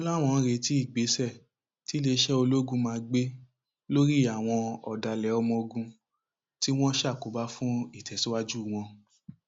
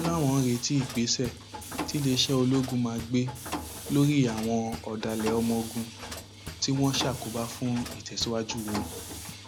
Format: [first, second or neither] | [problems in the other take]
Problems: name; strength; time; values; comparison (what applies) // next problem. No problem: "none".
first | background sound (Mechanisms); 10 dB below the speech